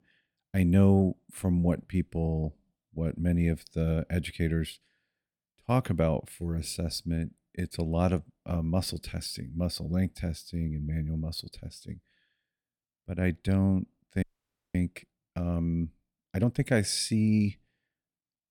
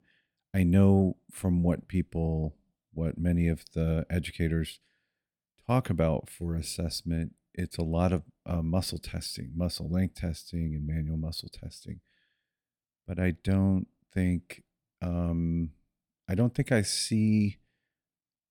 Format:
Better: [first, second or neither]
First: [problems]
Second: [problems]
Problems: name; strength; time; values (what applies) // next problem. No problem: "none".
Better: second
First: audio freezing; at 14 s for 0.5 s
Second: none